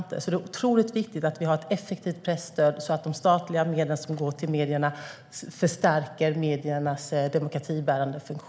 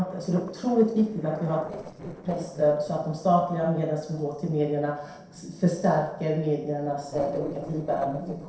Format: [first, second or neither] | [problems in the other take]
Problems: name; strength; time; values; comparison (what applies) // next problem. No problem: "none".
first | noise reduction (neural separator model SepFormer DNS4)